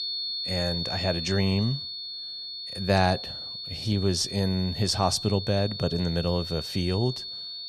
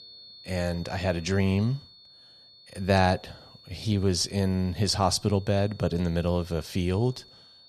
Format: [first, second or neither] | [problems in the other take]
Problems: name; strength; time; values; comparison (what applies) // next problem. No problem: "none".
second | high-pitched whine; loud; throughout; 4.5 kHz, 5 dB below the speech; faint in the second